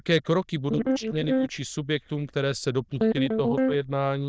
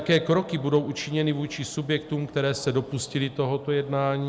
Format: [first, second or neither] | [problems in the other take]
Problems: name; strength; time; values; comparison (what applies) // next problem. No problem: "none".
second | noise reduction (neural diffusion model UNIVERSE++)